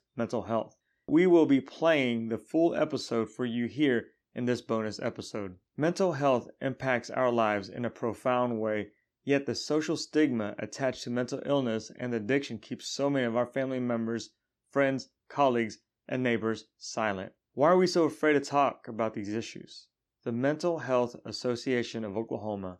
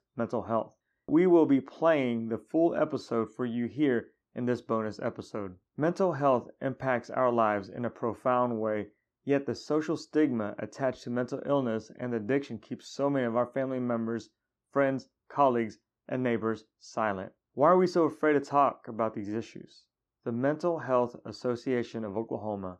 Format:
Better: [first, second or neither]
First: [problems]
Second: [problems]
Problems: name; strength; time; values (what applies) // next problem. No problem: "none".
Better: first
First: none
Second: muffled; slightly; fading above 1.5 kHz